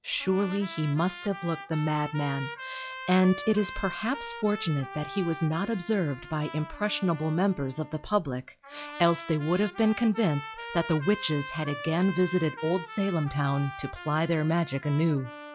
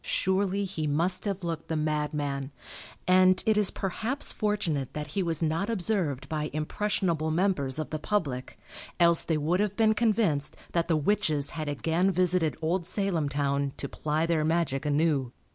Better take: second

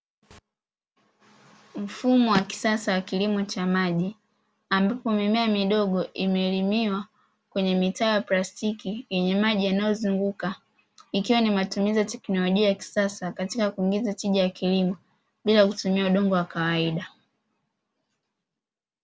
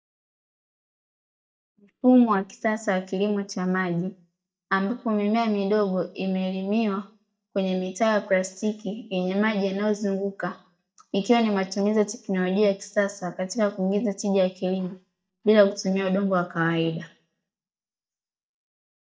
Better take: first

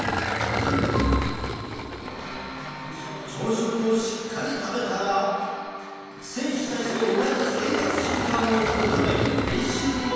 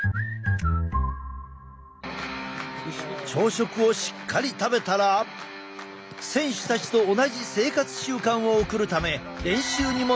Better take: second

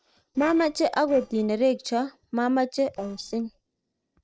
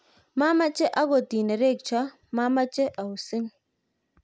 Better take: second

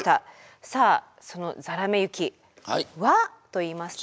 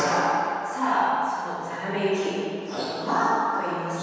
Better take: first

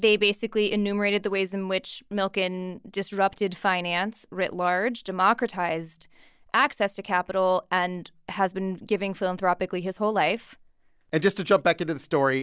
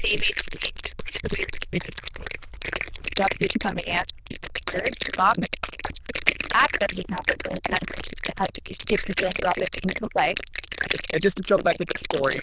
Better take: first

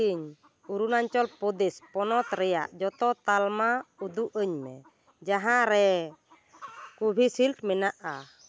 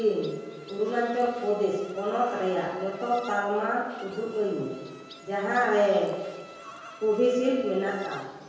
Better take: first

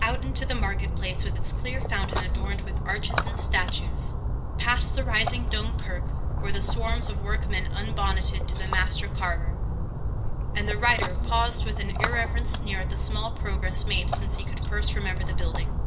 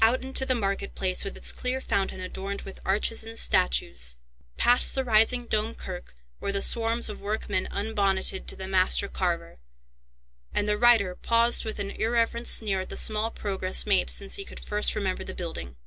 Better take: second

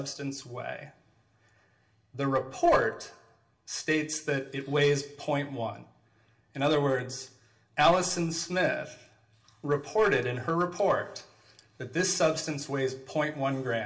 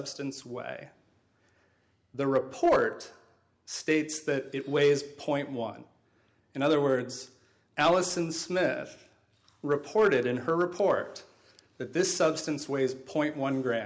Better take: second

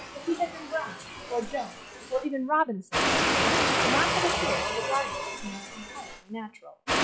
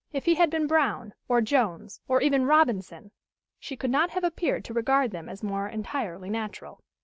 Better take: second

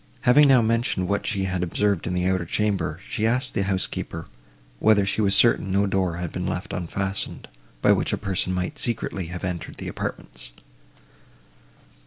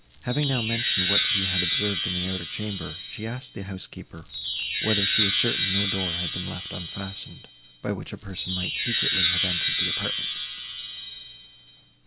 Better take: first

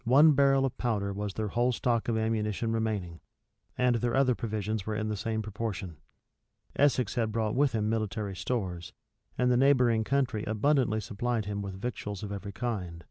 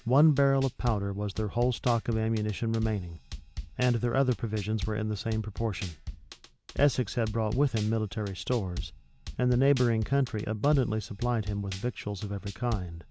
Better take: first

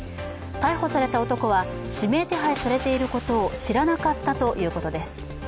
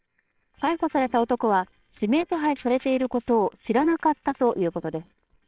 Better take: first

